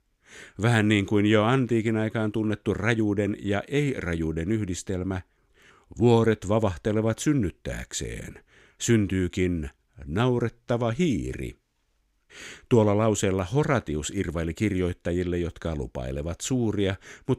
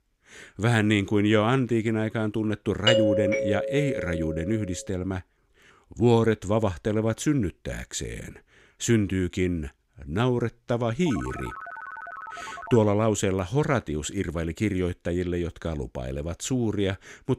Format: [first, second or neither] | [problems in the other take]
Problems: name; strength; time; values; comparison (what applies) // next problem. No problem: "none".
first | doorbell; loud; from 3 to 4.5 s; peak 4 dB above the speech // phone ringing; faint; from 11 to 13 s; peak 10 dB below the speech